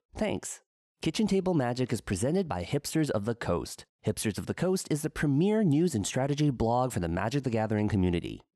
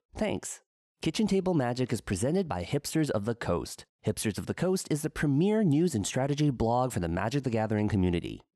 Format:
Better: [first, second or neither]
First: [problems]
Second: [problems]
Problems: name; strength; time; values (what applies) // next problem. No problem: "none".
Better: neither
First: none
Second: none